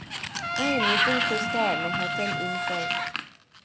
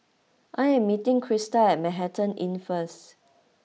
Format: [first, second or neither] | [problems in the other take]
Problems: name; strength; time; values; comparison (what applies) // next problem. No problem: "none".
second | background sound (Trumpet + Sliding door); 5 dB above the speech